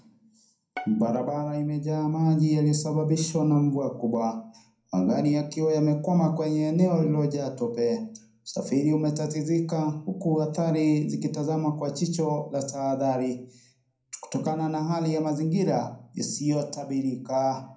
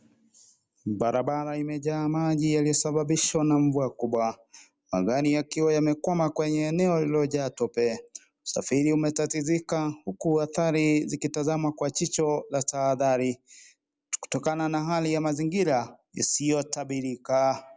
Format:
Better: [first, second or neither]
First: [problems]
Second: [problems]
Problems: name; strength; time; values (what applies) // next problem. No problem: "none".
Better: second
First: background sound (Bowed string instrument); 18 dB below the speech // room echo; dies away in 0.6 s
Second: none